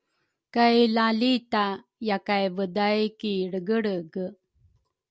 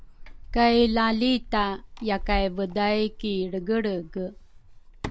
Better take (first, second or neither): first